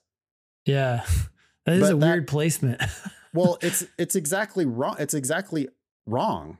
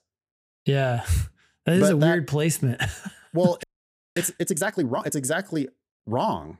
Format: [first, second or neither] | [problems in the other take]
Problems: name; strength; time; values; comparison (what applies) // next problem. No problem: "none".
first | audio freezing; at 3.5 s for 0.5 s